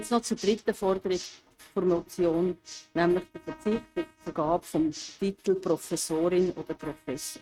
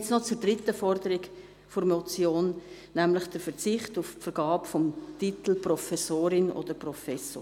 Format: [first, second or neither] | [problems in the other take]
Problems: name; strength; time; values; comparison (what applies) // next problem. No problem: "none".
second | noise reduction (neural mask model RNNoise)